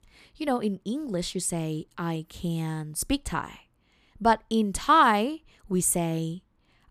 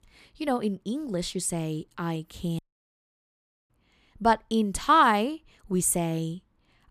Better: first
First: none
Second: audio cutting out; at 2.5 s for 1 s

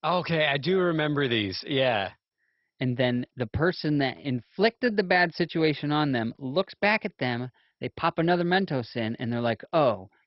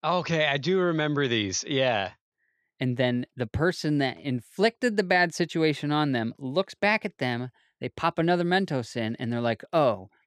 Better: second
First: garbled, watery; badly; nothing above 5.5 kHz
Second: none

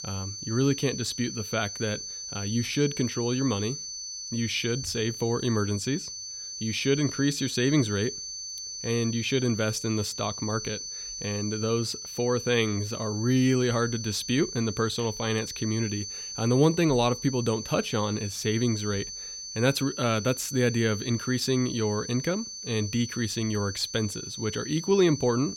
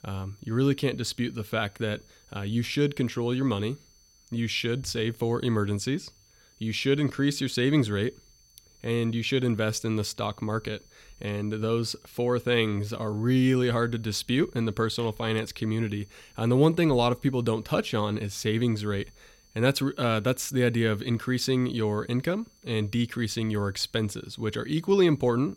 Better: second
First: high-pitched whine; loud; throughout; 6 kHz, 8 dB below the speech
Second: high-pitched whine; faint; throughout; 6 kHz, 30 dB below the speech

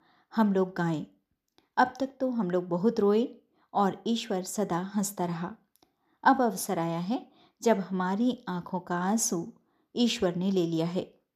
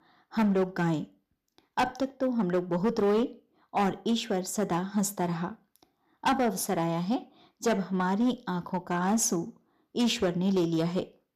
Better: first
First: none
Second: distortion; slight; 6% of the sound clipped

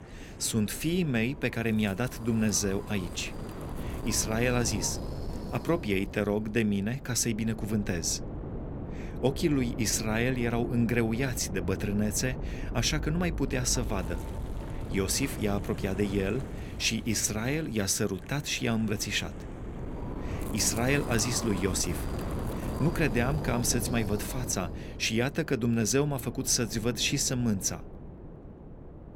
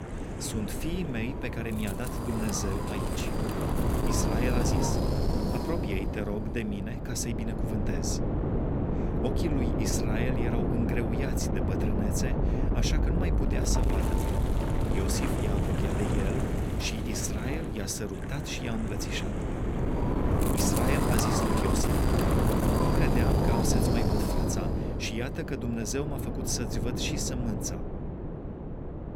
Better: first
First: wind noise on the microphone; occasional gusts; 10 dB below the speech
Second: wind noise on the microphone; heavy; 2 dB above the speech

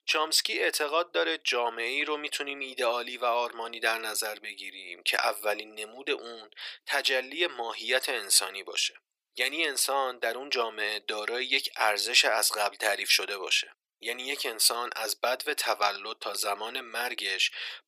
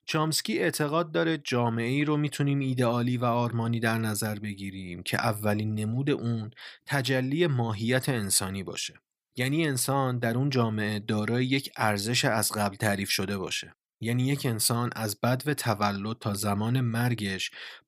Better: second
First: thin; very; fading below 400 Hz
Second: none

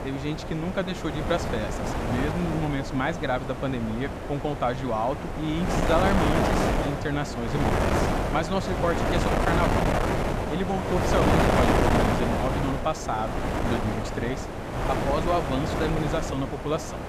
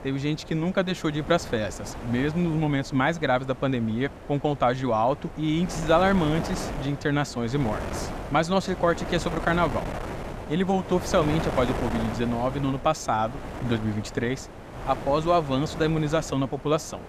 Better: second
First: wind noise on the microphone; heavy; 2 dB above the speech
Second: wind noise on the microphone; occasional gusts; 10 dB below the speech

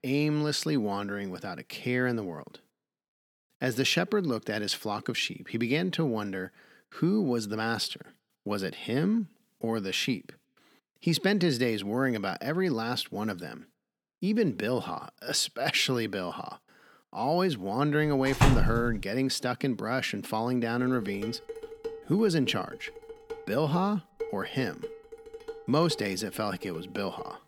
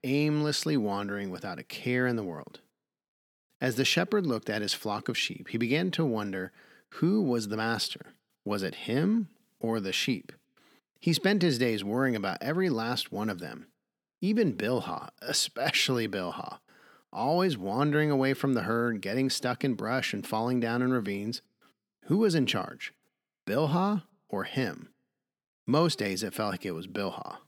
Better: second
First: door banging; loud; at 18 s; peak 5 dB above the speech // clattering dishes; noticeable; from 21 s on; peak 9 dB below the speech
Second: none

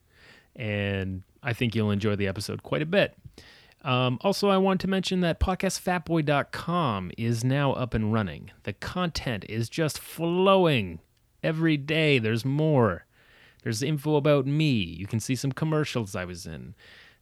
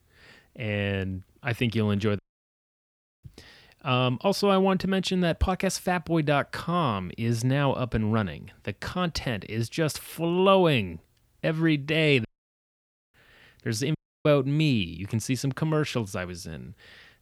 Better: first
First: none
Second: audio cutting out; at 2 s for 1 s, at 12 s for 1 s and at 14 s

